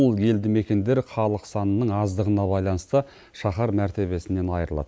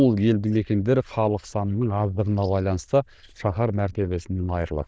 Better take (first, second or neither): first